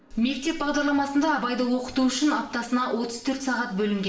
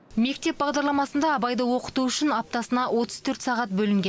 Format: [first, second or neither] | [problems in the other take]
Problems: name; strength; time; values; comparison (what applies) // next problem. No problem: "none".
second | room echo; dies away in 0.5 s